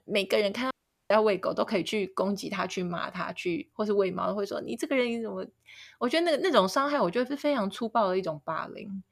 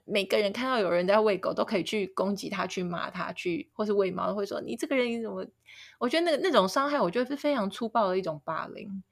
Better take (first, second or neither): second